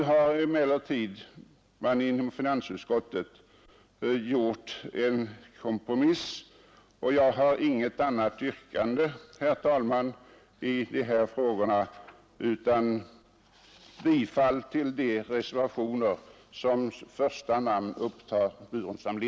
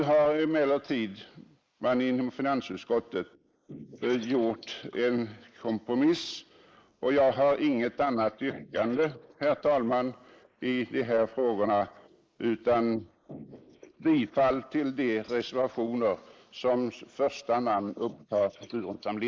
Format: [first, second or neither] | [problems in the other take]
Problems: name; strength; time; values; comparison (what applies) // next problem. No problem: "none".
first | noise reduction (neural mask model Resemble Enhance denoiser)